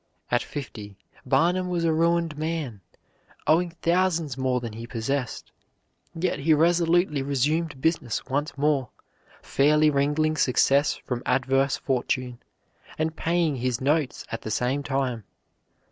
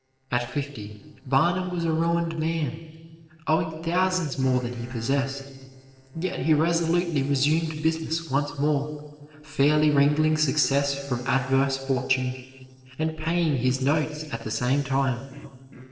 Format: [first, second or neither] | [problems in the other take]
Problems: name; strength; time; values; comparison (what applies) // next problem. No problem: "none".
first | noise reduction (neural separator model SepFormer DNS4)